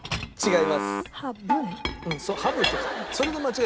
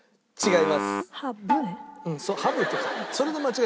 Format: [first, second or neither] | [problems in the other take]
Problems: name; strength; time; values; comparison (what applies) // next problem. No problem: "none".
second | background sound (Chink, clink); 8 dB below the speech